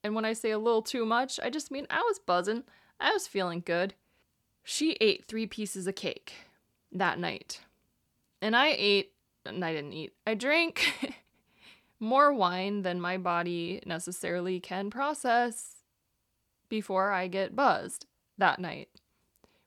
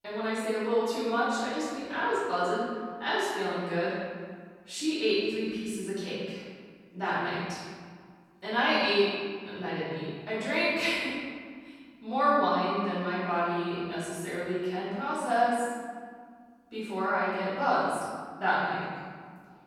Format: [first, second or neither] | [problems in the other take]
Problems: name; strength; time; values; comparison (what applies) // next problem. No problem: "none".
first | room echo; strong; dies away in 1.7 s // off-mic speech; far